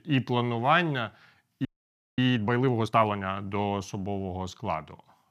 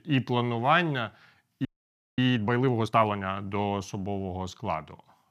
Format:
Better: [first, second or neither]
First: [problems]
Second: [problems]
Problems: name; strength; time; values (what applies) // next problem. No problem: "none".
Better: neither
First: audio freezing; at 1.5 s for 0.5 s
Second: audio freezing; at 1.5 s for 0.5 s